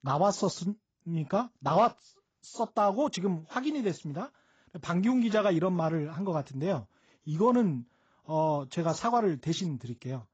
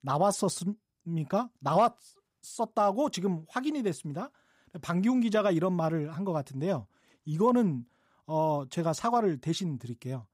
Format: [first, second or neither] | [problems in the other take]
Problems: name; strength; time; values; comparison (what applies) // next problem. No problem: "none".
second | garbled, watery; badly; nothing above 7.5 kHz